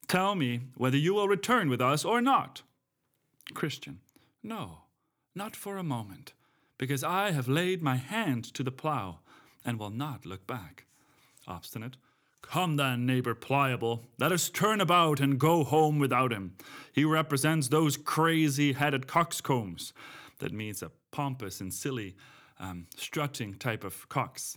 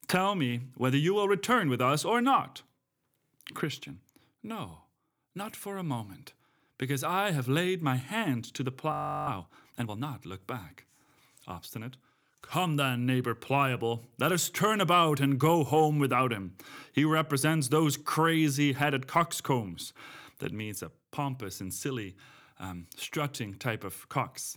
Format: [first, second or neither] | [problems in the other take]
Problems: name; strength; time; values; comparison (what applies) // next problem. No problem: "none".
first | audio freezing; at 9 s